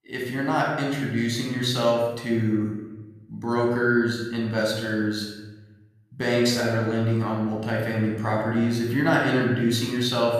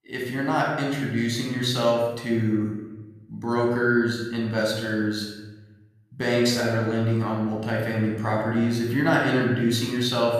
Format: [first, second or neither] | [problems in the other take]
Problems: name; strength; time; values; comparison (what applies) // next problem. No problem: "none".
neither | off-mic speech; far; the same in both // room echo; noticeable; dies away in 1.1 s; the same in both